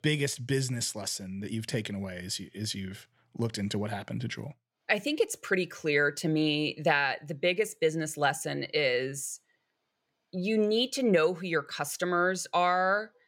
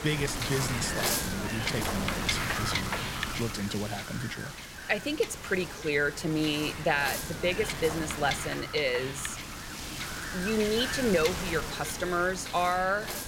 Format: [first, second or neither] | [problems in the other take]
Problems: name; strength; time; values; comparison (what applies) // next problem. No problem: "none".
first | wind noise on the microphone; heavy; 3 dB below the speech